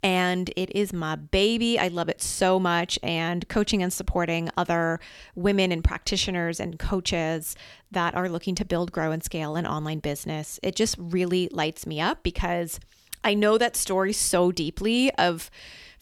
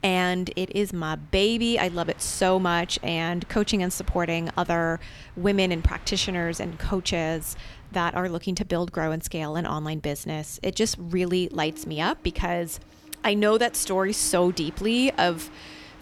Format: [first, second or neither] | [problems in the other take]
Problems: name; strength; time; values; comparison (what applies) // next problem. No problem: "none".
first | train or aircraft noise; faint; throughout; 20 dB below the speech